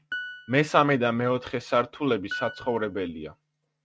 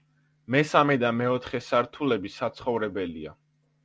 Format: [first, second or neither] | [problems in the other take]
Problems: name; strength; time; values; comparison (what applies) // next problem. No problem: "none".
second | noise reduction (neural mask model RNNoise)